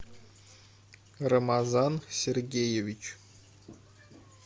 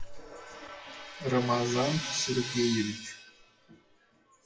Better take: first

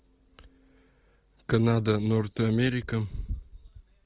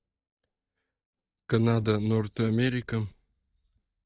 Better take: first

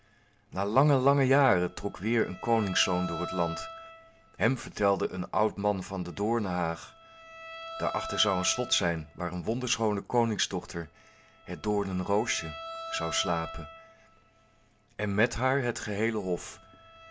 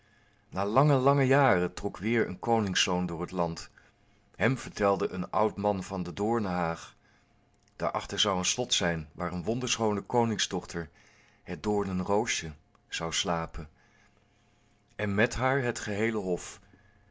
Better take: second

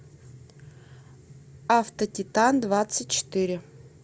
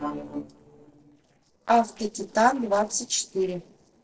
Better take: first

